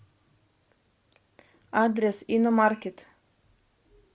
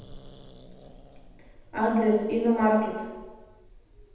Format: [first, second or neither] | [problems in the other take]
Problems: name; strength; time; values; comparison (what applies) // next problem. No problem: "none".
first | background sound (Growling); 20 dB below the speech // room echo; dies away in 1 s